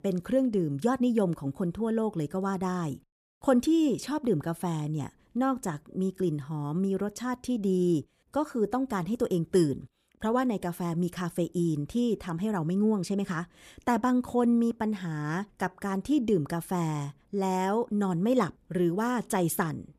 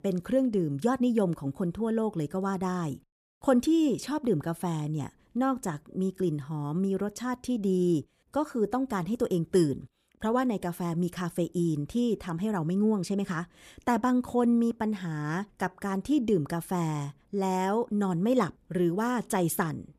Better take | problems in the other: neither | none

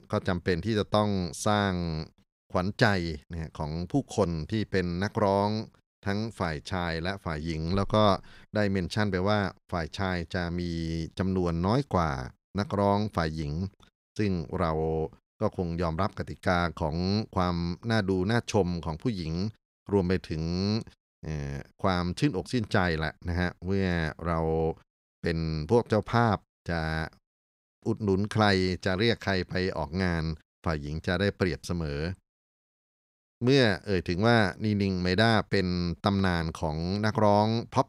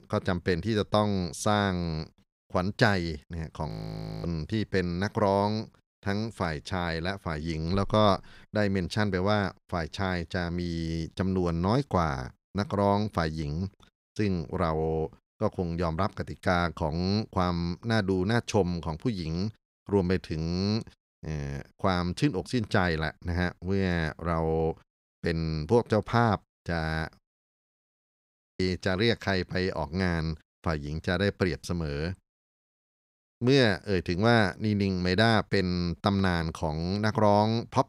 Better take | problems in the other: first | audio freezing; at 3.5 s for 0.5 s and at 28 s for 1 s

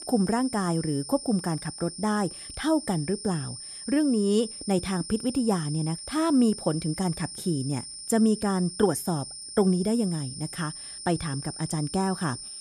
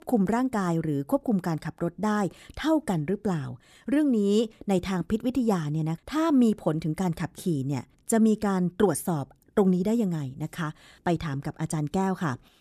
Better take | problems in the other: second | high-pitched whine; loud; throughout; 9 kHz, 10 dB below the speech

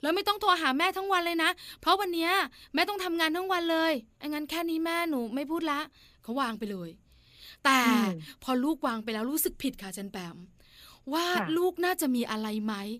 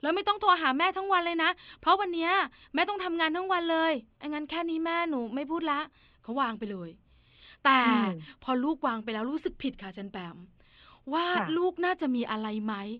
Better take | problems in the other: first | muffled; very; fading above 3.5 kHz

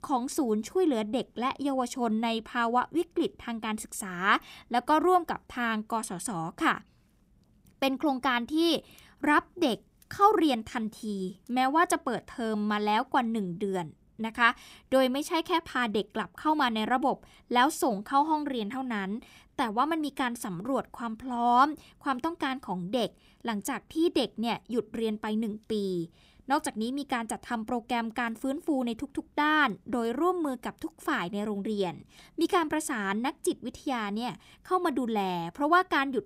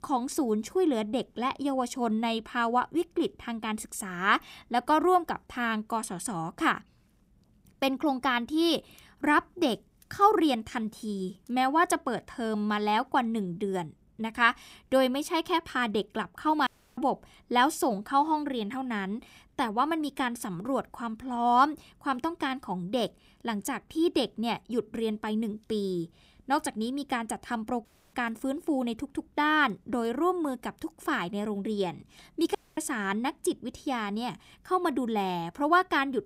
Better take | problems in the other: first | audio cutting out; at 17 s, at 28 s and at 33 s

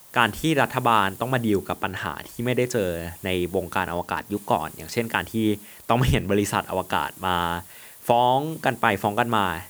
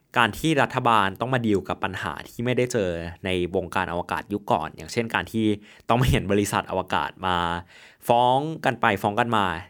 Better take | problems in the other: second | hiss; noticeable; throughout; 20 dB below the speech

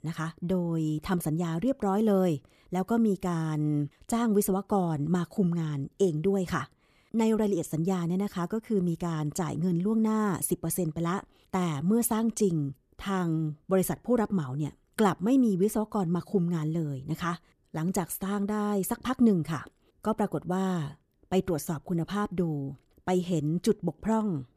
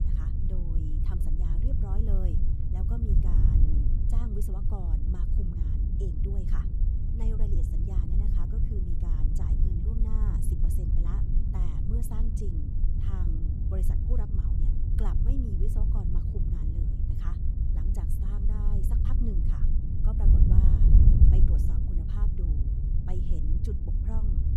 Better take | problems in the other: first | wind noise on the microphone; heavy; 4 dB above the speech

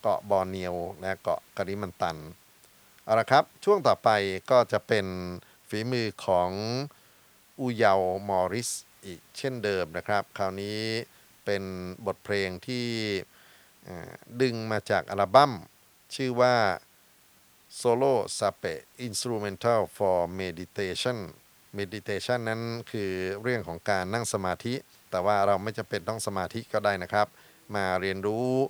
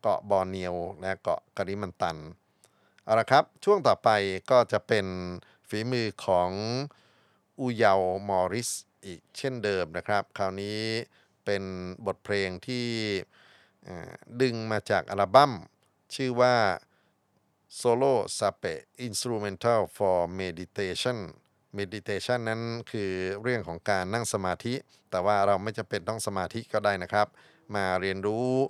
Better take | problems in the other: second | hiss; faint; throughout; 30 dB below the speech

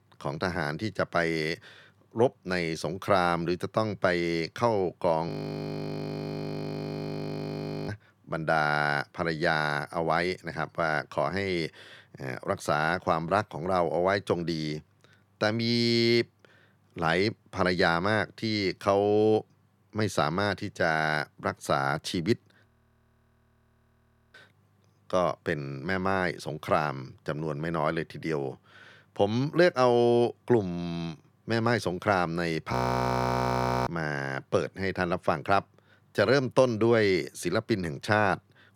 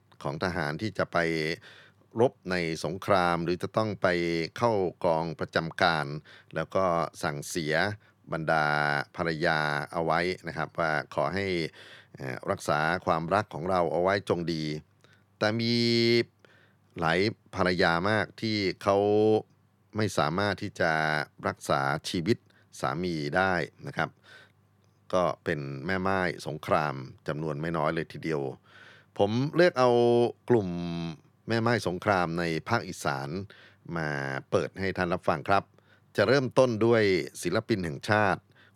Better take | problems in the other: second | audio freezing; at 5.5 s for 2.5 s, at 23 s for 1.5 s and at 33 s for 1 s

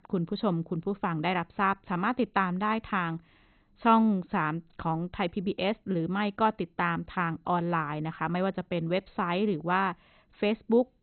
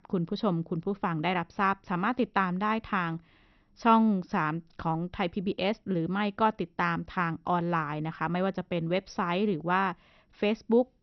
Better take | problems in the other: second | garbled, watery; badly; nothing above 4 kHz; slightly in the second

